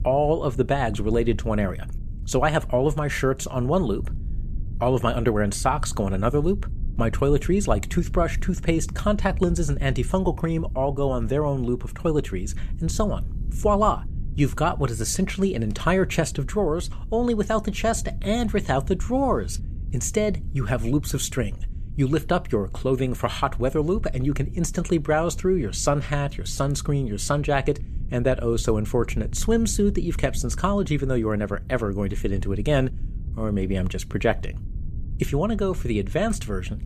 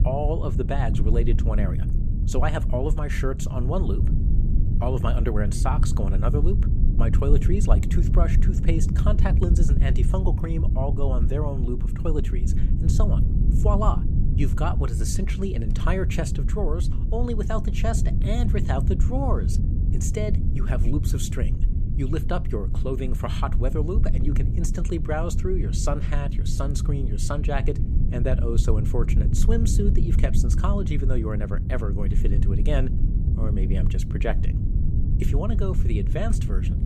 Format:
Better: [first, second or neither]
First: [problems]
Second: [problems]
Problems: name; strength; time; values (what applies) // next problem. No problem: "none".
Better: first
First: low rumble; faint; throughout; 25 dB below the speech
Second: low rumble; loud; throughout; 7 dB below the speech